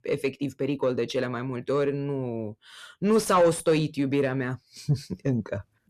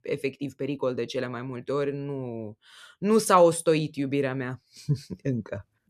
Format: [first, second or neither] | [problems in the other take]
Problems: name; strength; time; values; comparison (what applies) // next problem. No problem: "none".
second | distortion; slight; 10 dB below the speech